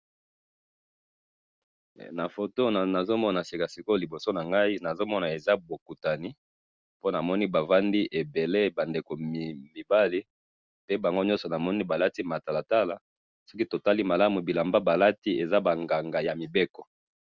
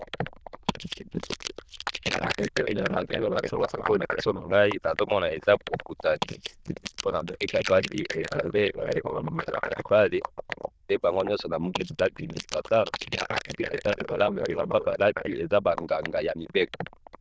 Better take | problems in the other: first | noise reduction (neural diffusion model UNIVERSE++)

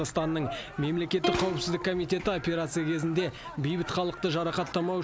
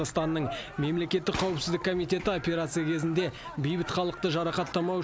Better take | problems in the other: second | background sound (Plucked string instrument); 9 dB below the speech

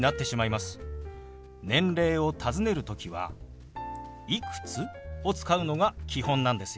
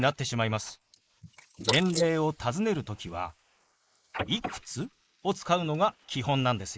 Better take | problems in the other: first | noise reduction (neural mask model Resemble Enhance denoiser)

